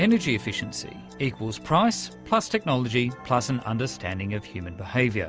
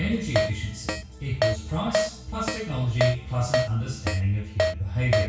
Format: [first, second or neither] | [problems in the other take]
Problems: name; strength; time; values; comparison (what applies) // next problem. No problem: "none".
first | background sound (Keyboard (musical)); 2 dB below the speech // room echo; dies away in 0.6 s